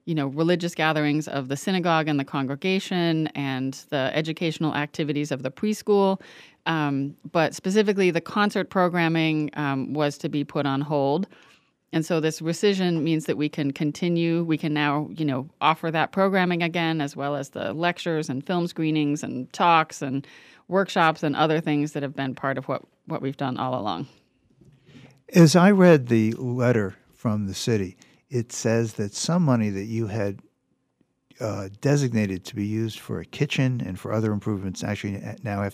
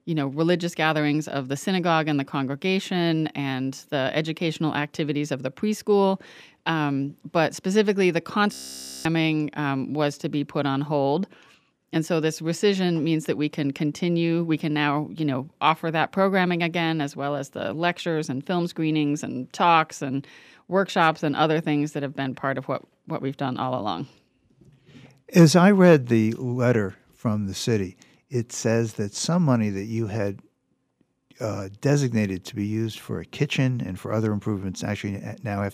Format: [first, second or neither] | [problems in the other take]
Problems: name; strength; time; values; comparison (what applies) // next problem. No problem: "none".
first | audio freezing; at 8.5 s for 0.5 s